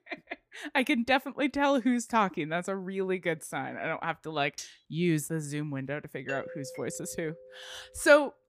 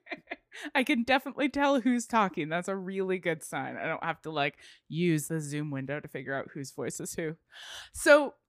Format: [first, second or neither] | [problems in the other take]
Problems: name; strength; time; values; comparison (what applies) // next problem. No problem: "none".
second | clattering dishes; faint; at 4.5 s; peak 15 dB below the speech // doorbell; faint; from 6.5 to 8 s; peak 10 dB below the speech